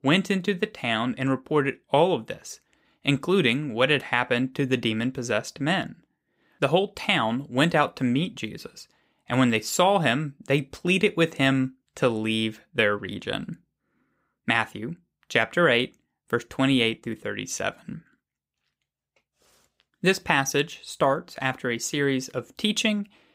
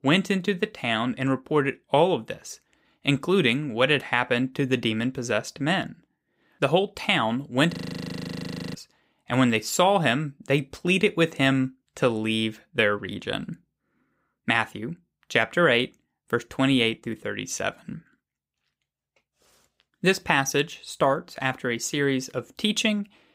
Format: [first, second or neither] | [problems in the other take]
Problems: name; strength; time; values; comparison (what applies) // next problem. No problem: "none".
first | audio freezing; at 7.5 s for 1 s